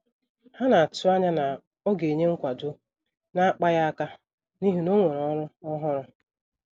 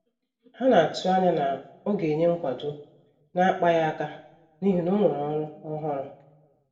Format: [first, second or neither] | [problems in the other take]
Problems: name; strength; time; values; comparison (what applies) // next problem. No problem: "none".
first | room echo; dies away in 0.7 s